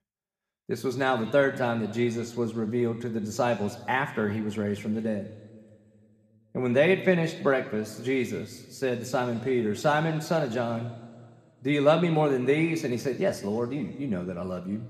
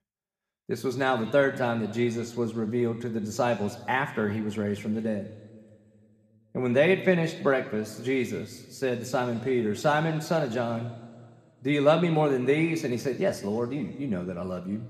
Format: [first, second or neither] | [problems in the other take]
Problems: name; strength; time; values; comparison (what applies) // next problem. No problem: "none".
neither | room echo; very slight; dies away in 1.7 s; the same in both